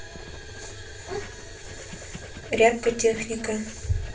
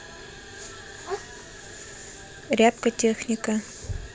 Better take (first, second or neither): second